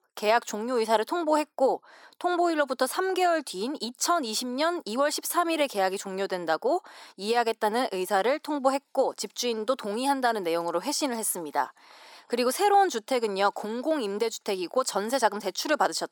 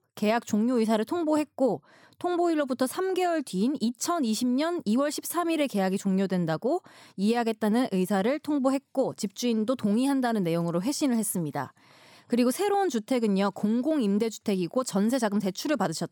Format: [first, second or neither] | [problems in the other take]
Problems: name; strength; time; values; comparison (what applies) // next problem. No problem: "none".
second | thin; somewhat; fading below 350 Hz